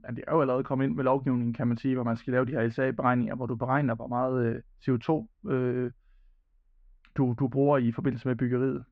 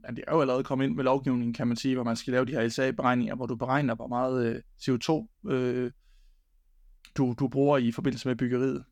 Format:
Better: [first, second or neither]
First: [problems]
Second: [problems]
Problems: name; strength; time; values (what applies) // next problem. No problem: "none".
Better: second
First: muffled; very; fading above 1.5 kHz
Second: none